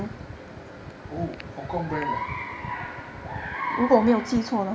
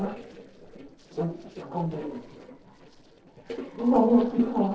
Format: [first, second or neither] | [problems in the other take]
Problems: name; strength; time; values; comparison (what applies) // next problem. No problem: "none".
first | noise reduction (neural separator model SepFormer DNS4)